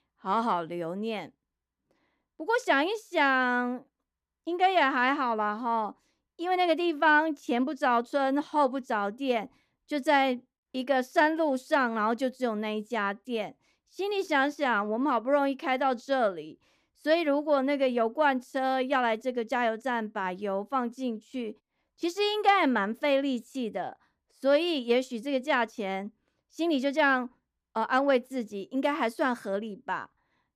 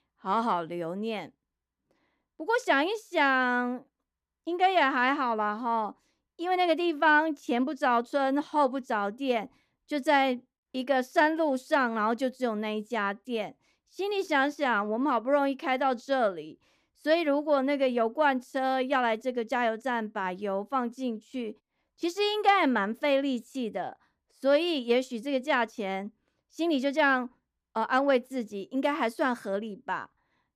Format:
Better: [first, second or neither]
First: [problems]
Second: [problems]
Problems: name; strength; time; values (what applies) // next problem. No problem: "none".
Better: neither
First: none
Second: none